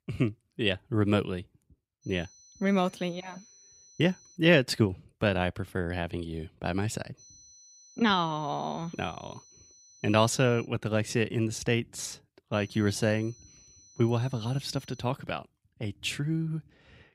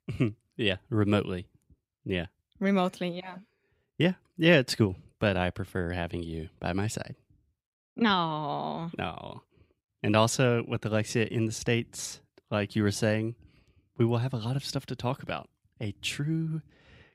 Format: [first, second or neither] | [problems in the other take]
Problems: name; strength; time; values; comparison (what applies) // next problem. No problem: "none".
second | high-pitched whine; faint; from 2 to 4.5 s, from 7 to 11 s and from 13 to 15 s; 6 kHz, 25 dB below the speech